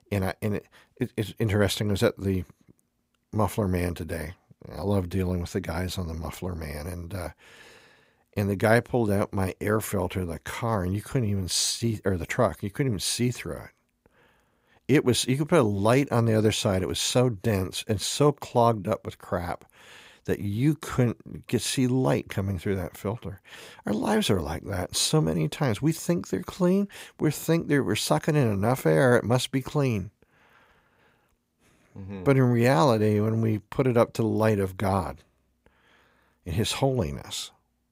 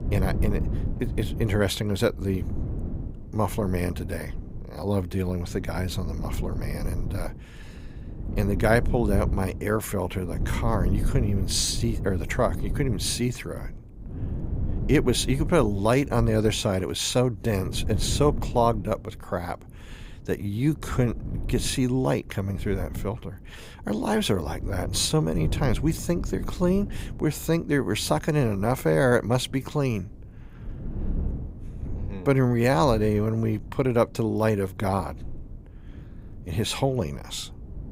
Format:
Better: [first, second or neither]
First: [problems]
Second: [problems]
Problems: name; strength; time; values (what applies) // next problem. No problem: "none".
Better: first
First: none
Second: wind noise on the microphone; occasional gusts; 15 dB below the speech